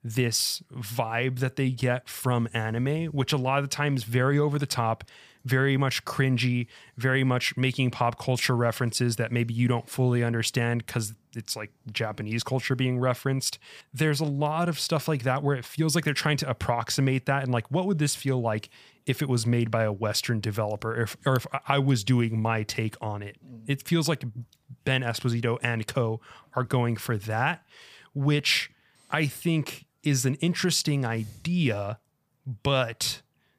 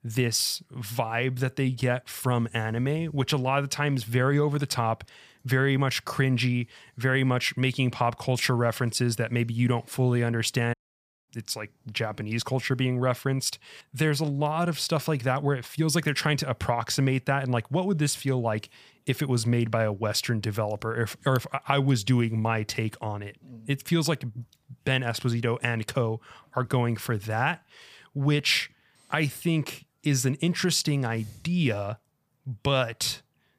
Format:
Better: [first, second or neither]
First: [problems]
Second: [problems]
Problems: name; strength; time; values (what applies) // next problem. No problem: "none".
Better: first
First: none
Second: audio cutting out; at 11 s for 0.5 s